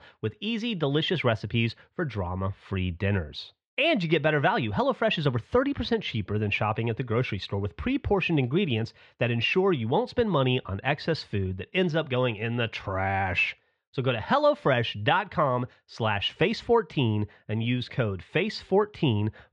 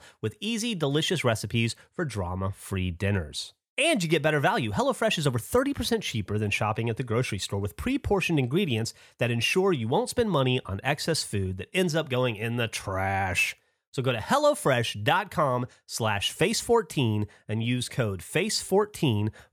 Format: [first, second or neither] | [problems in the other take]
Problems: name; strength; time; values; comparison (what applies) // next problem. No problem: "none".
second | muffled; slightly; fading above 4 kHz